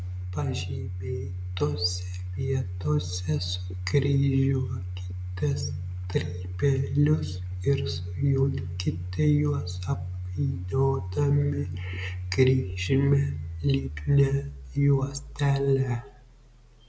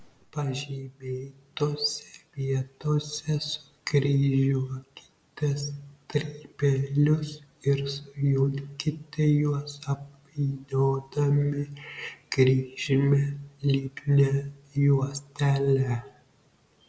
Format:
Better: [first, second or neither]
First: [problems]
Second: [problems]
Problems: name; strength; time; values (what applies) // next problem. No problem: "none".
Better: second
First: background sound (Domestic sounds, home sounds); 6 dB below the speech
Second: none